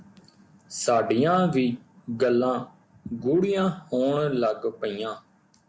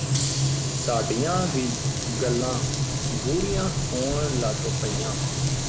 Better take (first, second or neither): first